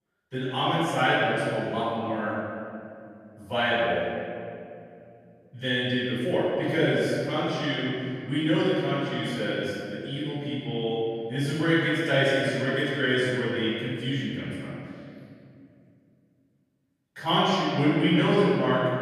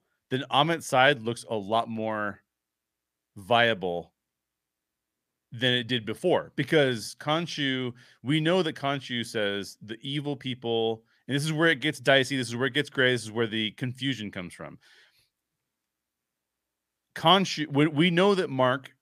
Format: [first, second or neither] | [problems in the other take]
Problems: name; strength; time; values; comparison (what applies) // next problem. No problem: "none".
second | off-mic speech; far // room echo; strong; dies away in 2.4 s